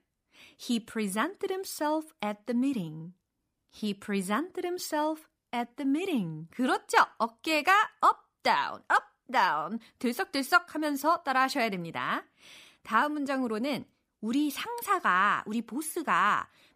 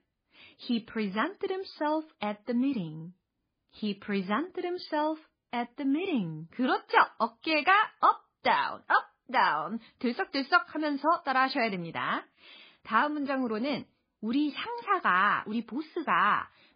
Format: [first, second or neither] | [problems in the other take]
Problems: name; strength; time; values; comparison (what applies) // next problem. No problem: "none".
first | garbled, watery; badly; nothing above 5 kHz